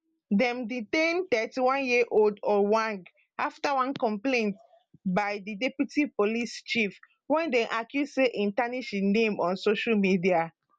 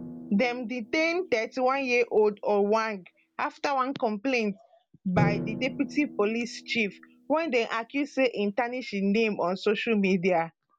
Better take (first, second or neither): first